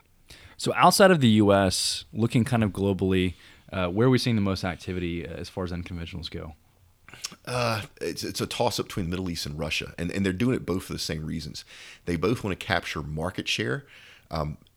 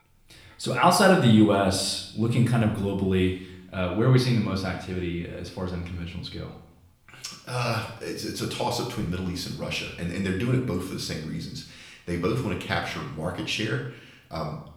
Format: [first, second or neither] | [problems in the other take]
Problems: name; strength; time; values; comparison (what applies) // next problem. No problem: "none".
first | room echo; noticeable; dies away in 0.6 s // off-mic speech; far